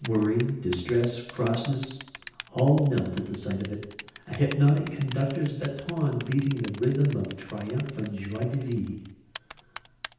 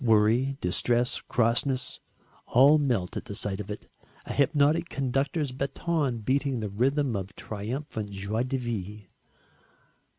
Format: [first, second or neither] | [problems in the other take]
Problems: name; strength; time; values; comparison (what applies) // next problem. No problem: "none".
second | background sound (Typing); 18 dB below the speech // room echo; dies away in 0.9 s